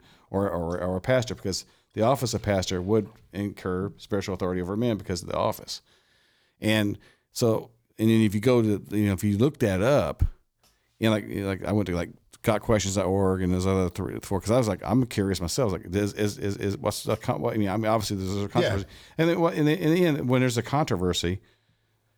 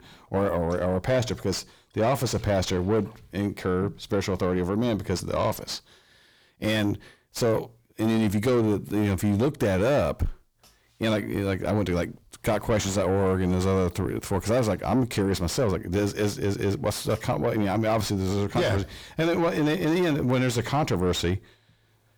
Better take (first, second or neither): first